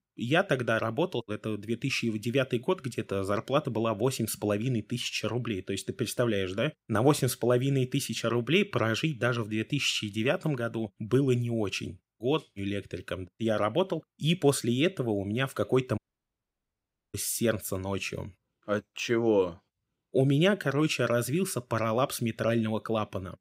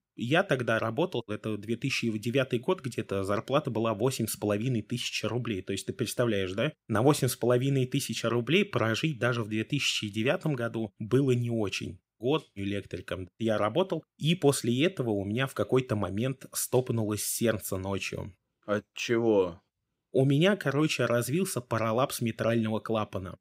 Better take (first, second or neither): second